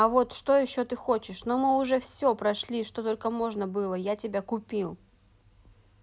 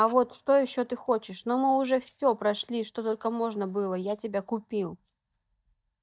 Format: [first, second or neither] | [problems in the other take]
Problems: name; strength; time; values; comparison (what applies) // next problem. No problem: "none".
first | noise reduction (neural mask model DeepFilterNet 3)